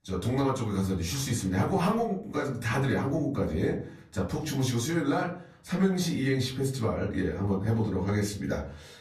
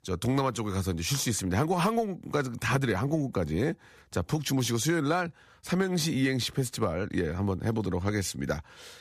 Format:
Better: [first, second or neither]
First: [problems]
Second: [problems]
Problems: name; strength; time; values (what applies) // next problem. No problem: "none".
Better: second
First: room echo; slight; dies away in 0.5 s // off-mic speech; far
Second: none